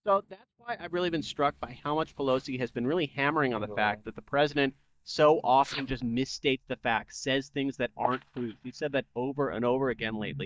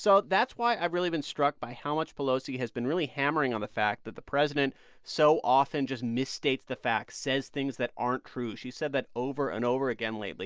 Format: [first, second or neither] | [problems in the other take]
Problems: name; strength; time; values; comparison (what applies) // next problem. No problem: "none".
second | noise reduction (neural mask model DeepFilterNet 3)